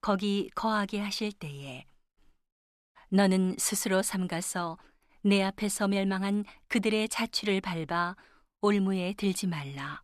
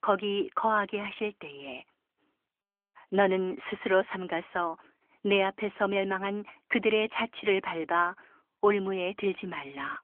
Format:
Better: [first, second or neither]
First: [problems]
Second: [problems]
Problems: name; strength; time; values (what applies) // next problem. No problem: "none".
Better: first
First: none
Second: phone-call audio; nothing above 3 kHz